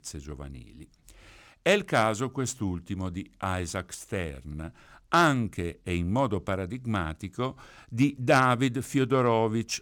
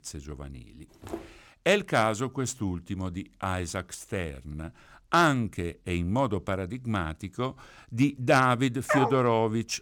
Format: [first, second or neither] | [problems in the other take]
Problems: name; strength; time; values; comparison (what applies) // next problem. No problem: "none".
first | footsteps; faint; at 1 s; peak 15 dB below the speech // dog barking; loud; at 9 s; peak level with the speech